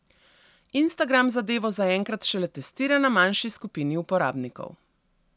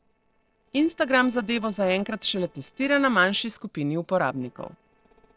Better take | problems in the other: first | noise reduction (neural separator model SepFormer DNS4)

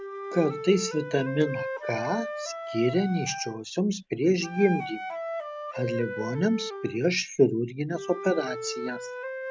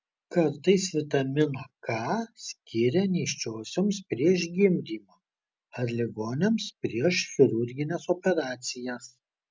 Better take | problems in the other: second | background sound (Wind instrument, woodwind instrument); 8 dB below the speech

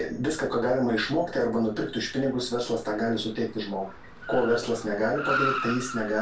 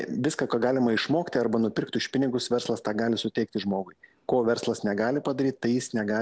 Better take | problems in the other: second | background sound (Car); 9 dB below the speech // room echo; dies away in 0.2 s

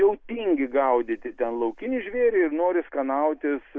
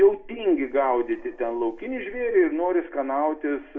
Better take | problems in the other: first | room echo; dies away in 0.9 s

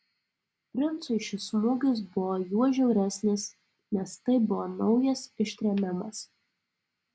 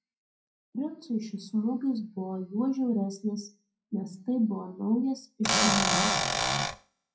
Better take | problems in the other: first | noise reduction (classical method WPE with log-MMSE)

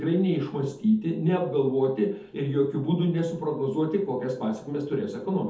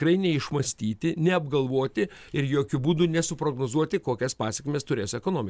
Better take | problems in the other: second | room echo; dies away in 0.6 s

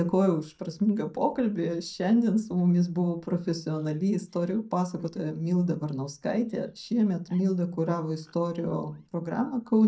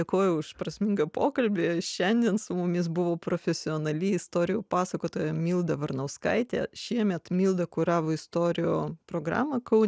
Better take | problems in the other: second | noise reduction (neural mask model DeepFilterNet 3)

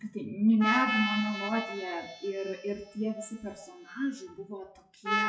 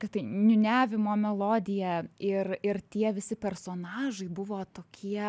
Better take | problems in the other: second | noise reduction (classical method WPE with log-MMSE)

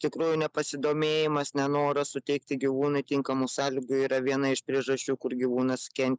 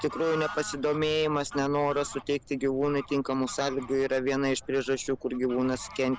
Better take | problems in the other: first | background sound (Bird / Fowl); 16 dB below the speech

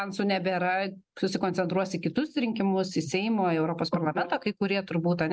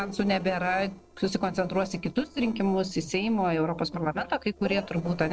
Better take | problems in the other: first | noise reduction (neural separator model SepFormer DNS4)

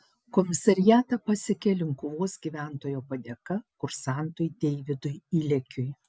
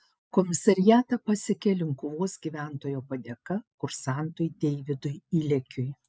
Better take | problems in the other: first | noise reduction (neural mask model Resemble Enhance denoiser)

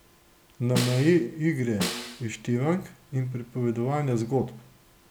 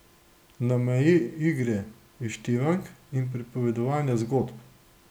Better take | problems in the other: second | background sound (Snare drum); 7 dB below the speech

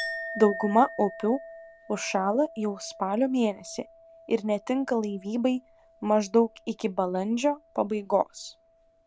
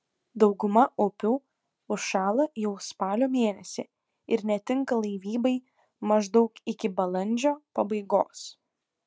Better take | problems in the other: second | background sound (Chink, clink); 16 dB below the speech

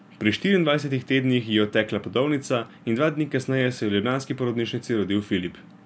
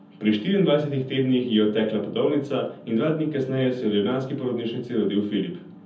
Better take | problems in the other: first | room echo; dies away in 0.7 s

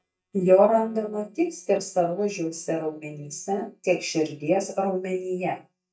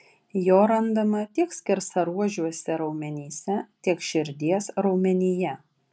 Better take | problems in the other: second | noise reduction (neural mask model DeepFilterNet 3)

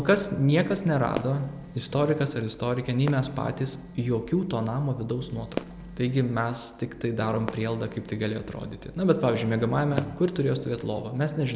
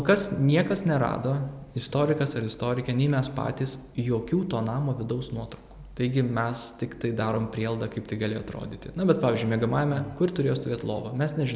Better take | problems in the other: second | background sound (Telephone + Fireworks); 16 dB below the speech

